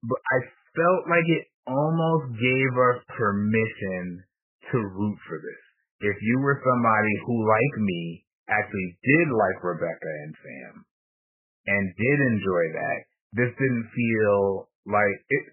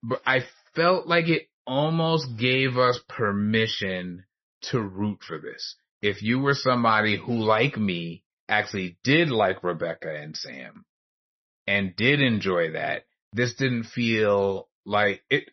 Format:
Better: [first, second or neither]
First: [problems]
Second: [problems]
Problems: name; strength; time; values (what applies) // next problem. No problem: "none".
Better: second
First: garbled, watery; badly; nothing above 2.5 kHz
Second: garbled, watery; slightly; nothing above 6 kHz